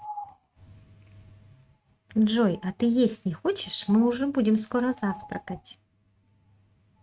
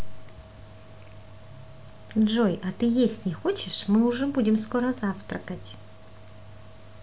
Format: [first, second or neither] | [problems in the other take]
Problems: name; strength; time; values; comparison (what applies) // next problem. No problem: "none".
second | noise reduction (neural mask model RNNoise)